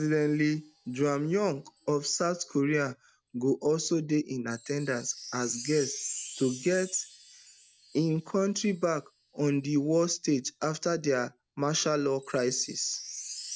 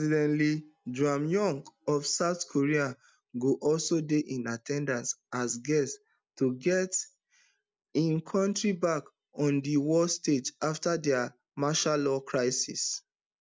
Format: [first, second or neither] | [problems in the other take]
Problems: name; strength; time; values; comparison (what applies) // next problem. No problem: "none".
second | background sound (Wind chime); 16 dB below the speech